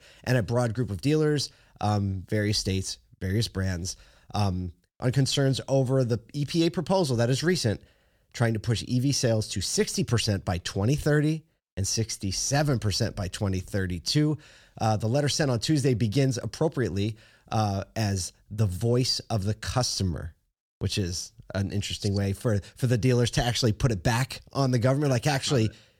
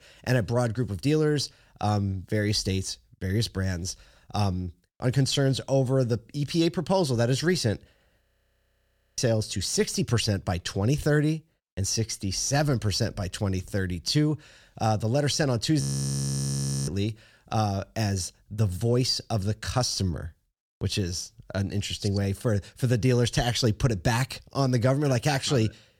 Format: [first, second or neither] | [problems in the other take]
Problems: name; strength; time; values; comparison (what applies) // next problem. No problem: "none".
first | audio freezing; at 8 s for 1 s and at 16 s for 1 s